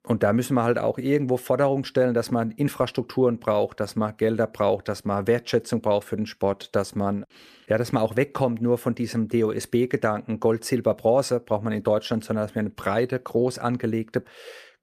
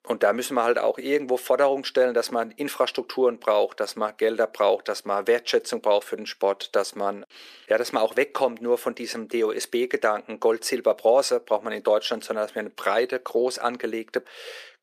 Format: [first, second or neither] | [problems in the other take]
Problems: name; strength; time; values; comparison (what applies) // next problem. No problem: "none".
first | thin; somewhat; fading below 350 Hz